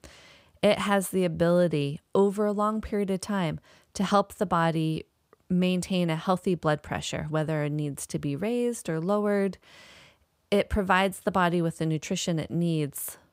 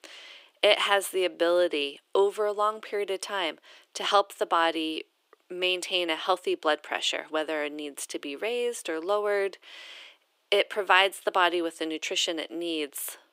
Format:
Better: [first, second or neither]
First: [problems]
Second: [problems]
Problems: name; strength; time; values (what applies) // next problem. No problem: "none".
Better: first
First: none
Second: thin; very; fading below 350 Hz